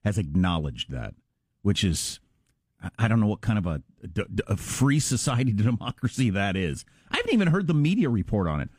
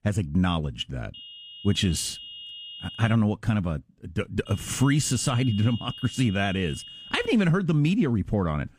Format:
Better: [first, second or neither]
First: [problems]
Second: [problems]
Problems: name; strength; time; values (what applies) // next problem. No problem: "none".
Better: first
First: none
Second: high-pitched whine; noticeable; from 1 to 3 s and from 4.5 to 7.5 s; 3 kHz, 15 dB below the speech